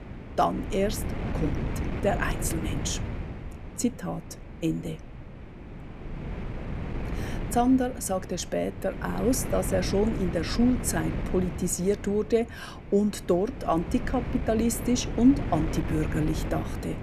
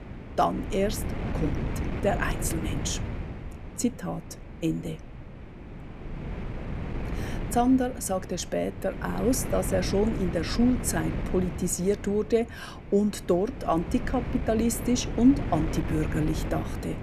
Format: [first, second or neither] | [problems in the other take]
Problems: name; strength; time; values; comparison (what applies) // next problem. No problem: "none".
neither | wind noise on the microphone; occasional gusts; 10 dB below the speech; the same in both